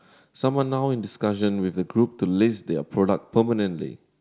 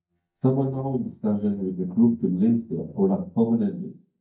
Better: first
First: none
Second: noise reduction (neural mask model DeepFilterNet 3)

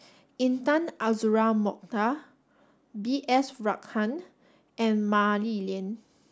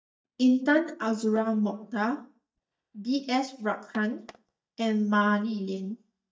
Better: first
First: none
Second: noise reduction (neural mask model DeepFilterNet 3)

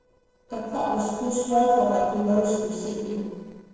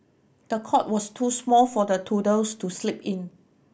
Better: second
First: noise reduction (neural separator model SepFormer DNS4)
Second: none

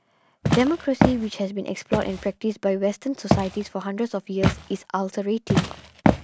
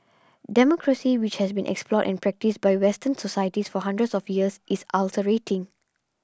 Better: second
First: background sound (Walk, footsteps); as loud as the speech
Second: none

